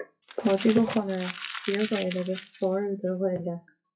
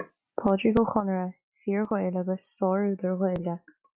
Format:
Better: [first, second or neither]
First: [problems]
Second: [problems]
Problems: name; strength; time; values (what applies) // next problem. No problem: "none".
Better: second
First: noise reduction (classical method WPE with log-MMSE)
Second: none